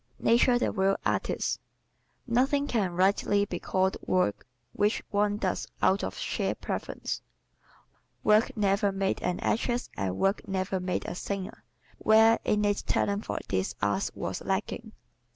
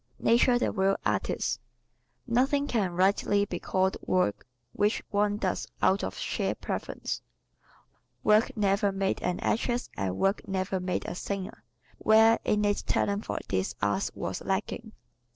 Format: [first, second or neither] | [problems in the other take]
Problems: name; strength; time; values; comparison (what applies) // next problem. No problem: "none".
first | noise reduction (neural separator model SepFormer DNS4)